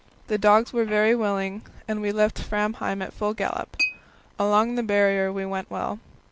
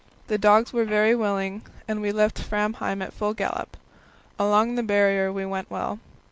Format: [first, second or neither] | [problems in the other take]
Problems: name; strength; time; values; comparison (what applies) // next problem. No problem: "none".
second | background sound (Chink, clink); 15 dB below the speech